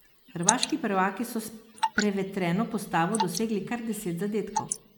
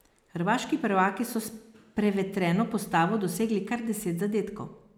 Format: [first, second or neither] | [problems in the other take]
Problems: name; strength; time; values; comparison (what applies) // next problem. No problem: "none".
second | noise reduction (neural mask model Resemble Enhance denoiser)